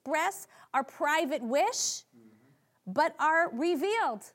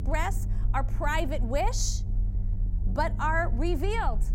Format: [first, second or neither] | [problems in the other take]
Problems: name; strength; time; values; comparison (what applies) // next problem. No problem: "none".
first | low rumble; noticeable; throughout; 20 dB below the speech